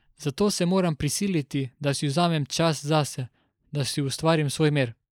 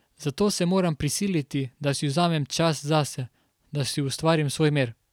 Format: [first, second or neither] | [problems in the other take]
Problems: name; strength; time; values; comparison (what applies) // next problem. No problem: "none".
second | noise reduction (neural mask model Resemble Enhance denoiser)